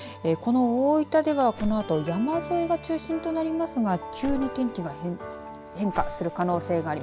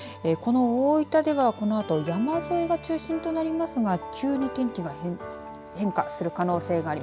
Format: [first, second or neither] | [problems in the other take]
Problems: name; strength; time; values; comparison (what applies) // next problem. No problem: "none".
second | background sound (Whoosh, swoosh, swish); 12 dB below the speech